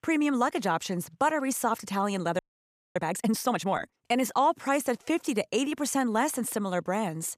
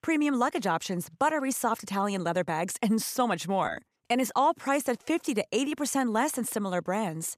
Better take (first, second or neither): second